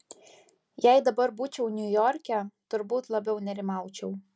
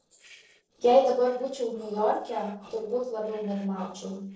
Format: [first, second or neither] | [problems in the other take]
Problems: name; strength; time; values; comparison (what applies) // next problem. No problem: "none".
first | noise reduction (neural separator model SepFormer DNS4)